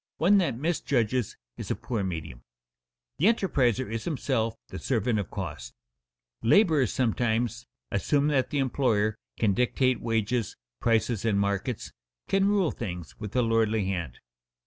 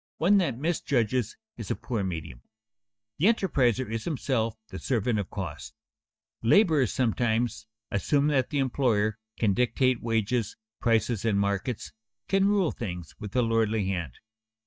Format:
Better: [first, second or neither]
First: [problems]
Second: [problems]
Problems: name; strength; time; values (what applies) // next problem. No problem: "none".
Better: first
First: none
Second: noise reduction (neural mask model DeepFilterNet 3)